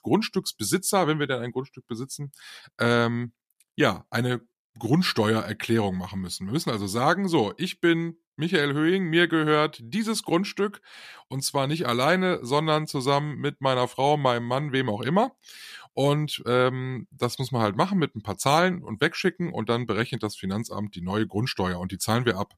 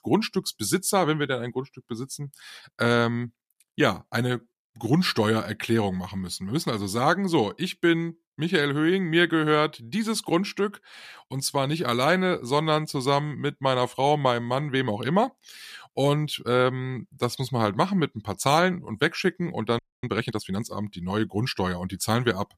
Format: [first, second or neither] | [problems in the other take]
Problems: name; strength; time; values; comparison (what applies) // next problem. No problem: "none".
first | audio freezing; at 20 s